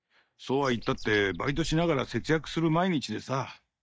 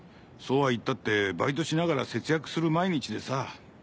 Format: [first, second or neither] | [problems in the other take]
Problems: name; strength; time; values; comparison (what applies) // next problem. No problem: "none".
second | noise reduction (neural mask model DeepFilterNet 3)